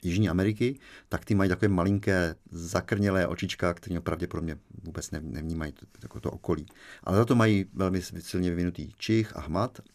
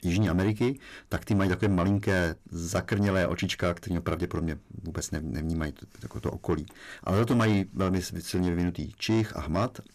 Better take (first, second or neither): first